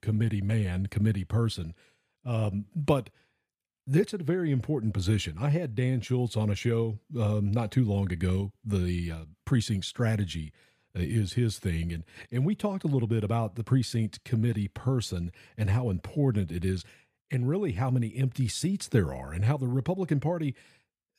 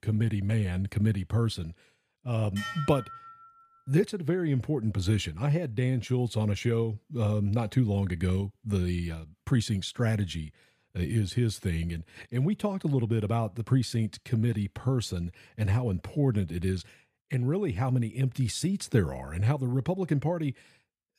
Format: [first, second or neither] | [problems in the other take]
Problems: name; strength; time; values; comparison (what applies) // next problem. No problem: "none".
first | clattering dishes; noticeable; at 2.5 s; peak 7 dB below the speech